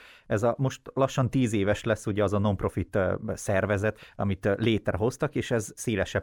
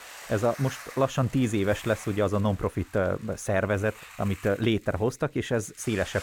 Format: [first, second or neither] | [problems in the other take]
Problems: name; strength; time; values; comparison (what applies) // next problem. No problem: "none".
first | hiss; noticeable; throughout; 20 dB below the speech